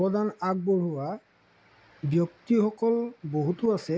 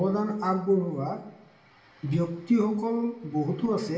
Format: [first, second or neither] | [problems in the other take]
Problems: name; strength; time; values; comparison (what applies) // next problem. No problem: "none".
first | room echo; dies away in 0.7 s